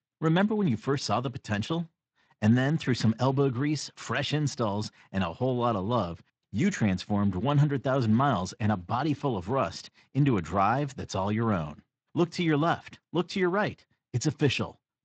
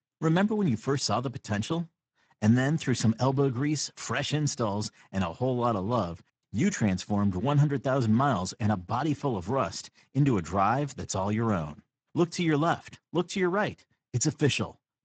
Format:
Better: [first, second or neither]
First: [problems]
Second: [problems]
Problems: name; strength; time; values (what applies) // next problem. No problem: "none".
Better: first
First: garbled, watery; slightly; nothing above 7.5 kHz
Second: garbled, watery; badly; nothing above 7.5 kHz